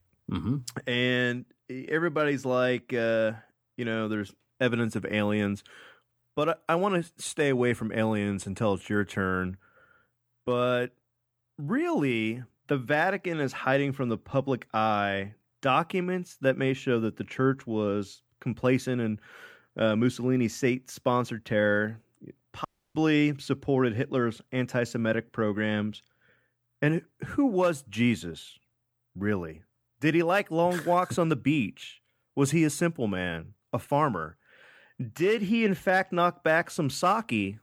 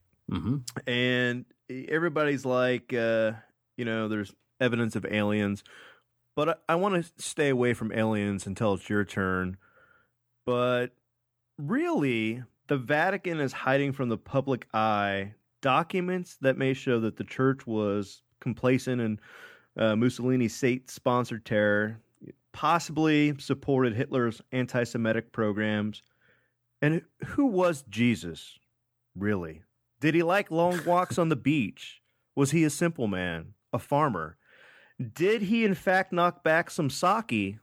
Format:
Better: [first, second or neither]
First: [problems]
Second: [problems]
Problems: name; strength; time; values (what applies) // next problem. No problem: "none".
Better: second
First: audio cutting out; at 23 s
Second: none